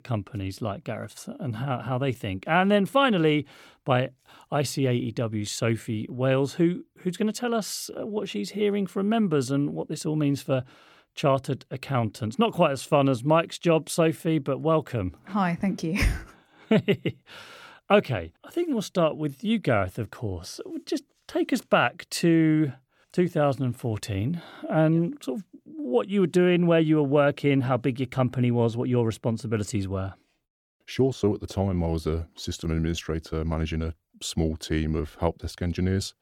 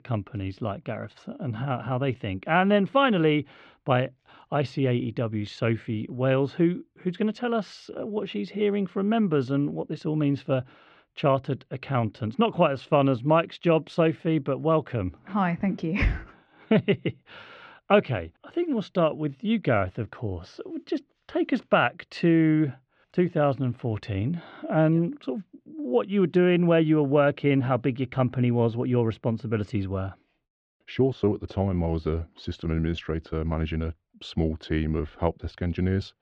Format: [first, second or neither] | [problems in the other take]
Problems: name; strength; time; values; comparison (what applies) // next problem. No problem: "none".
first | muffled; slightly; fading above 3.5 kHz